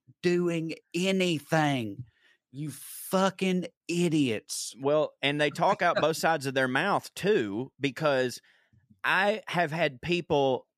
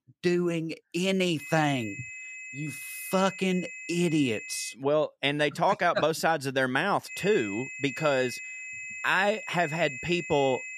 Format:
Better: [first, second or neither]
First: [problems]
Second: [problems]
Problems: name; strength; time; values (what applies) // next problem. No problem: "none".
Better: first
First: none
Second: high-pitched whine; noticeable; from 1.5 to 4.5 s and from 7 s on; 2.5 kHz, 10 dB below the speech